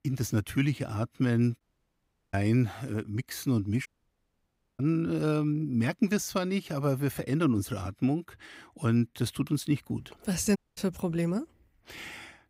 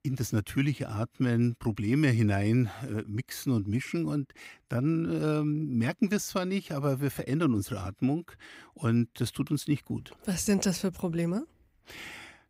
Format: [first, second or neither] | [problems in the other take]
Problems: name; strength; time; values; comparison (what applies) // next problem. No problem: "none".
second | audio cutting out; at 1.5 s for 0.5 s, at 4 s for 1 s and at 11 s